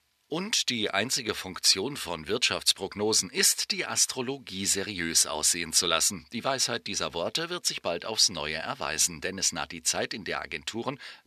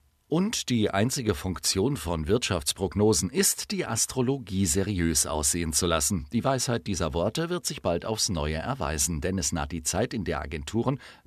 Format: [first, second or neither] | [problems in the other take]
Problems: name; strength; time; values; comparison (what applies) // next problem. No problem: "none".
second | thin; somewhat; fading below 950 Hz